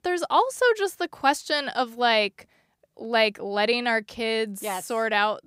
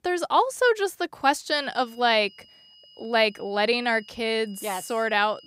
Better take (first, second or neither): first